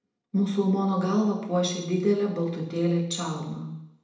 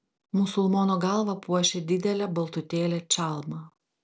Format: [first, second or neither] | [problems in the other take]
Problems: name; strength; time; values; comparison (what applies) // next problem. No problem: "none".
second | room echo; dies away in 0.8 s